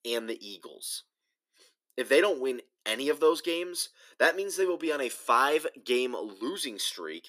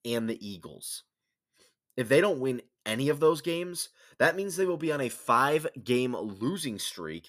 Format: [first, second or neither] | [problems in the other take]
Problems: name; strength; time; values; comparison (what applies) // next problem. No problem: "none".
second | thin; somewhat; fading below 300 Hz